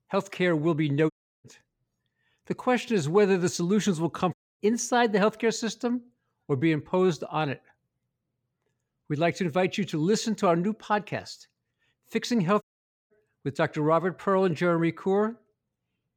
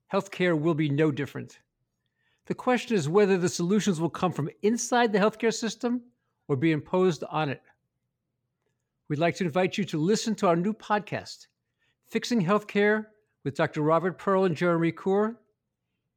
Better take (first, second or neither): second